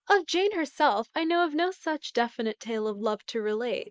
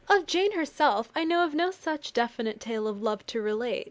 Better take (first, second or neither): second